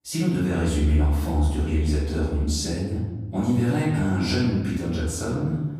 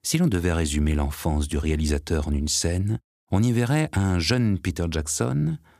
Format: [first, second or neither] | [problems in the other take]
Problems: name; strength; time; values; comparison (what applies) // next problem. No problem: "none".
second | off-mic speech; far // room echo; noticeable; dies away in 1.2 s